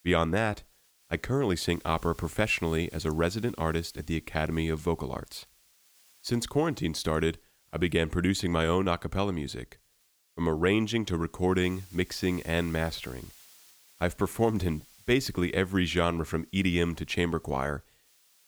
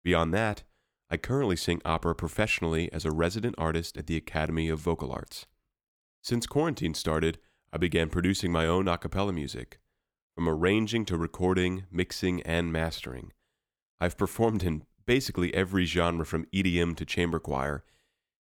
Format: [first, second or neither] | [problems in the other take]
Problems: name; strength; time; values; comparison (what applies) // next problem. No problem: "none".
second | hiss; faint; throughout; 25 dB below the speech